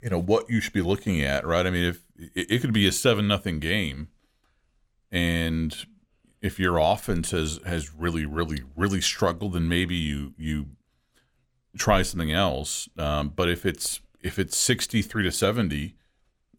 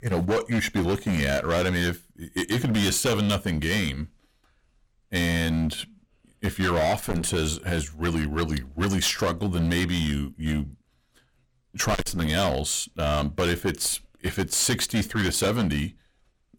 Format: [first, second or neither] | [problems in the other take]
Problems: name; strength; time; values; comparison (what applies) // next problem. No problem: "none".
first | distortion; heavy; 14% of the sound clipped